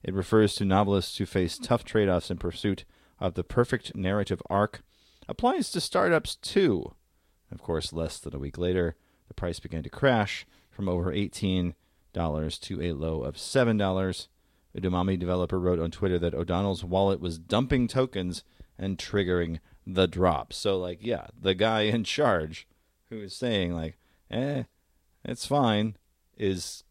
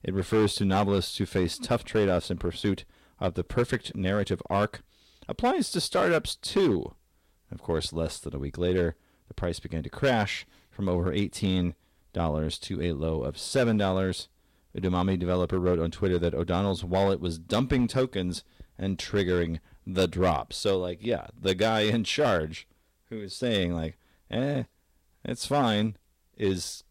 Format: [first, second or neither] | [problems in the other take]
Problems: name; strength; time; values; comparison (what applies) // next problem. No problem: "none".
first | distortion; slight; 4% of the sound clipped